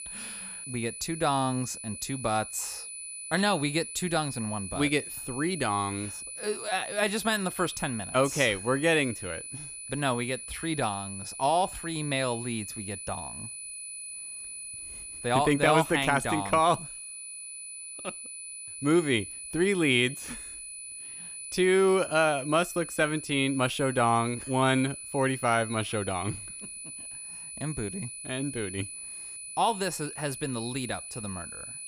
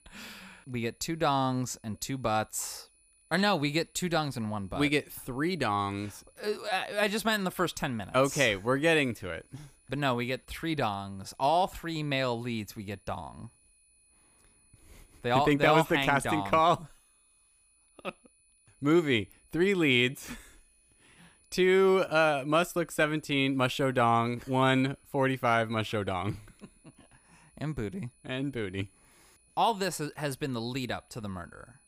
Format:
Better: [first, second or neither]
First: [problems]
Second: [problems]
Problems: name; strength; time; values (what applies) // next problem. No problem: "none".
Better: second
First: high-pitched whine; loud; throughout; 10 kHz, 10 dB below the speech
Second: high-pitched whine; faint; throughout; 10 kHz, 35 dB below the speech